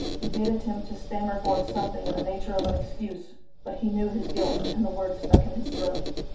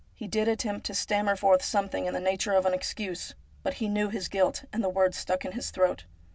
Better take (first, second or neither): second